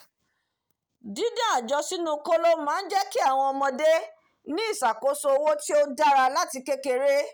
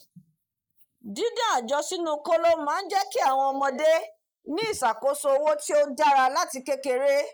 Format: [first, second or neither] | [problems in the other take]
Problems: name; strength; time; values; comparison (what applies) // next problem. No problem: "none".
first | noise reduction (neural mask model Resemble Enhance denoiser)